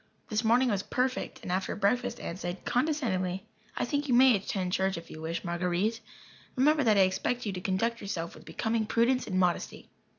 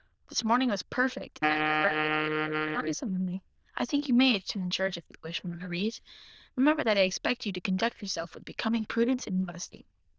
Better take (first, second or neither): first